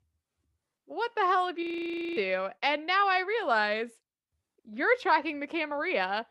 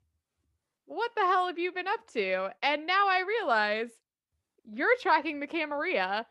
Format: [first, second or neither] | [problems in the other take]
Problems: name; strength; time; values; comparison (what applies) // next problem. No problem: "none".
second | audio freezing; at 1.5 s for 0.5 s